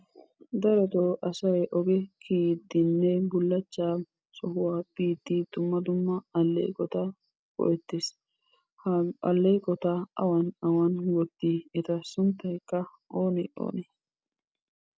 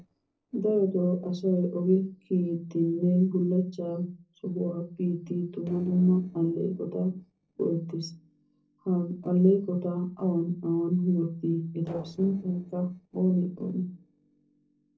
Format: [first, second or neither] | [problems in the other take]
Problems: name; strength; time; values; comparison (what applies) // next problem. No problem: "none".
first | noise reduction (neural separator model SepFormer DNS4)